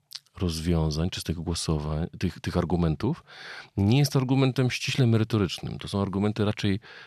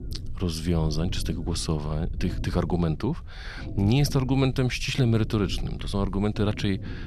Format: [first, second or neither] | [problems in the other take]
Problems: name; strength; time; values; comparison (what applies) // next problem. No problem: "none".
first | low rumble; noticeable; throughout; 15 dB below the speech